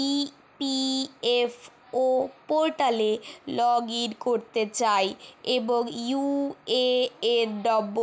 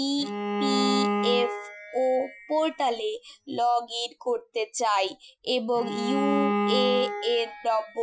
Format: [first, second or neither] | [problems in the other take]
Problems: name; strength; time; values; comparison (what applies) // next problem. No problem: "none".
first | noise reduction (classical method Wiener filter)